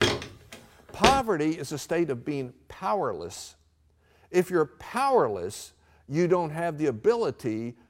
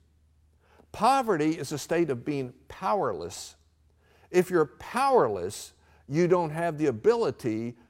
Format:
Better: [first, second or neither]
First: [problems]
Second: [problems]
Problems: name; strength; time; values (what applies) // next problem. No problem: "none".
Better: second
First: footsteps; loud; until 1 s; peak 2 dB above the speech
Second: none